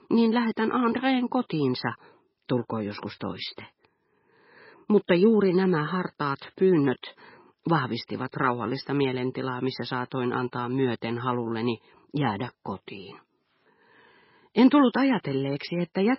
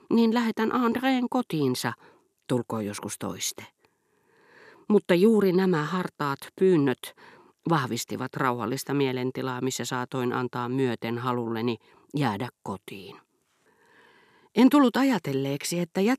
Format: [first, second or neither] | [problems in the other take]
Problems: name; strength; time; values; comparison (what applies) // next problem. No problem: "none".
second | garbled, watery; badly; nothing above 5.5 kHz